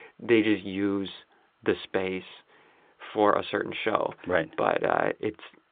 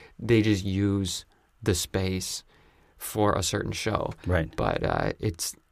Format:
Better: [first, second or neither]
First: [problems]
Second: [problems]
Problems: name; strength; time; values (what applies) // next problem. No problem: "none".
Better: second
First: phone-call audio; nothing above 3.5 kHz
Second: none